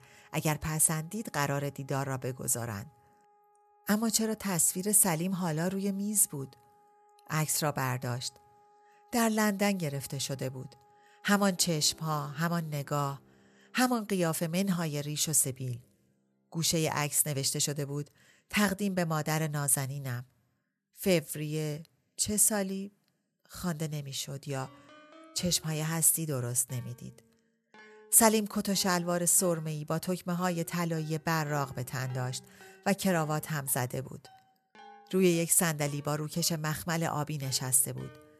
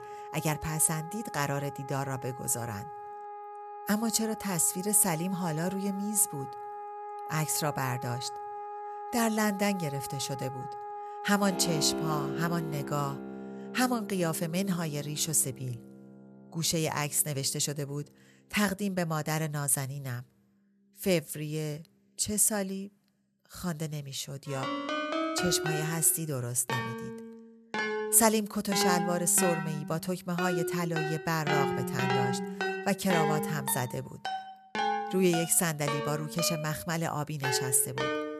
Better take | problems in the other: first | background music; loud; throughout; 6 dB below the speech; faint in the first

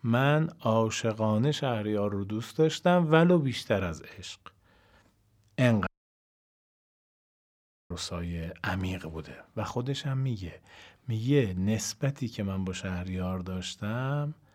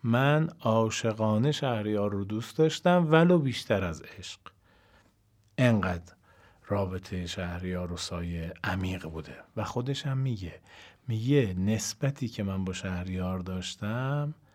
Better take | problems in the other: second | audio cutting out; at 6 s for 2 s

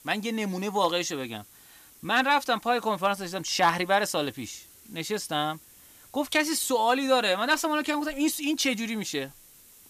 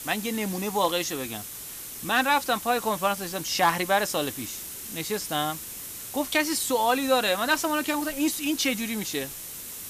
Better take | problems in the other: first | hiss; loud; throughout; 9 dB below the speech; faint in the first

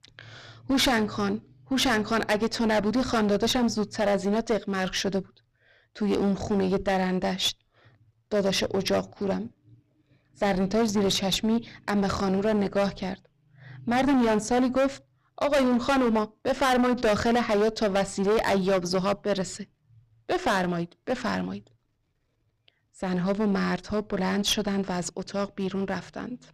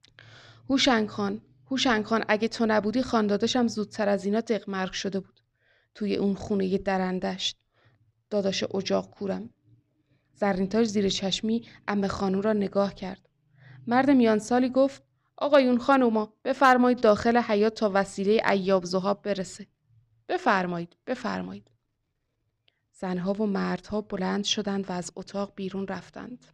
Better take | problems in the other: second | distortion; heavy; 14% of the sound clipped

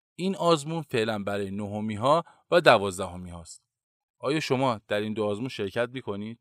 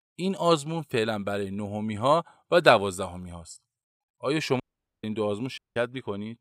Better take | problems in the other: first | audio cutting out; at 4.5 s and at 5.5 s

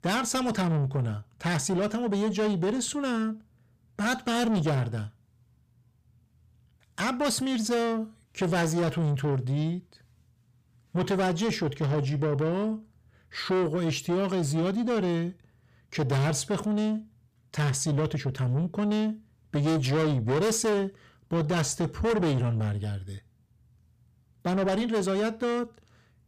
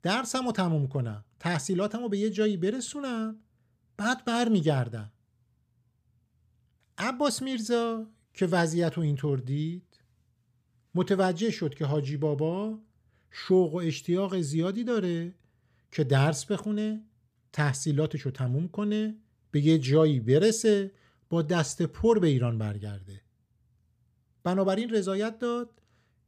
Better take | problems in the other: second | distortion; heavy; 7 dB below the speech

